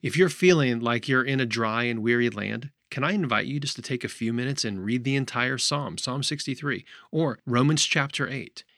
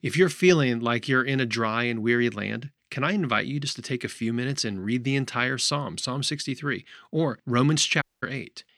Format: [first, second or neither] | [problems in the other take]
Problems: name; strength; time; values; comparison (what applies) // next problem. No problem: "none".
first | audio cutting out; at 8 s